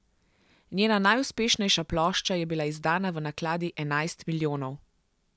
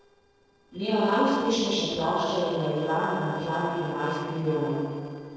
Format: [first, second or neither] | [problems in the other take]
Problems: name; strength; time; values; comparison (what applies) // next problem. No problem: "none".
first | noise reduction (neural separator model SepFormer DNS4)